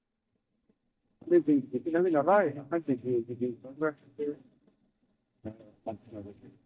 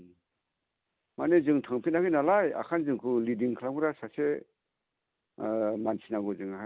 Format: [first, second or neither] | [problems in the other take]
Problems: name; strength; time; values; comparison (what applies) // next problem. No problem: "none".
second | noise reduction (neural mask model DeepFilterNet 3)